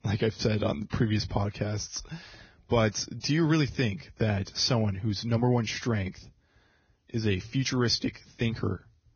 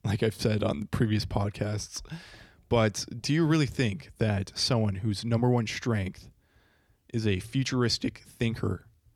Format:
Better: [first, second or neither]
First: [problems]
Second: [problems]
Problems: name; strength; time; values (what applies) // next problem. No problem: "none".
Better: second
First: garbled, watery; badly; nothing above 6.5 kHz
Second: none